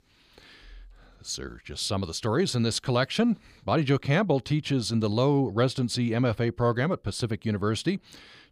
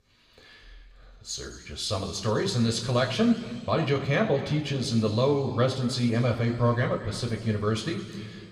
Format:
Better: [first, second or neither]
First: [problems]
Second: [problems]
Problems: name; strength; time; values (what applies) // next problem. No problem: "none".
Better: first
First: none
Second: room echo; slight; dies away in 2.1 s // off-mic speech; somewhat distant